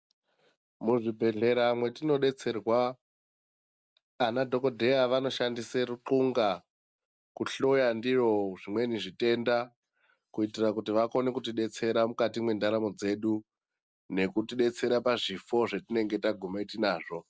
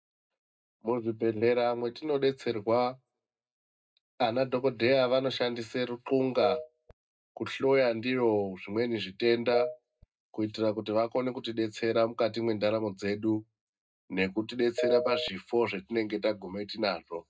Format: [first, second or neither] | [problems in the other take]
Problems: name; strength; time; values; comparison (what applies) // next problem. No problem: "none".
first | noise reduction (neural mask model DeepFilterNet 3)